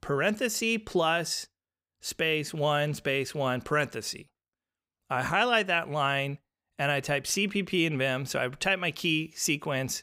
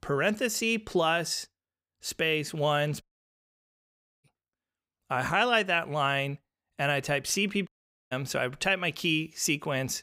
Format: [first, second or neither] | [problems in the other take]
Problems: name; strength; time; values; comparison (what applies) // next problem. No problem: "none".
first | audio cutting out; at 3 s for 1 s and at 7.5 s